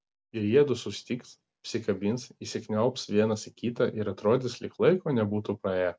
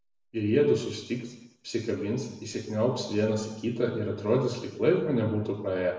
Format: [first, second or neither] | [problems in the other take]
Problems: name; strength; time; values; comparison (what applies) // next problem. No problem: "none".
first | room echo; dies away in 0.8 s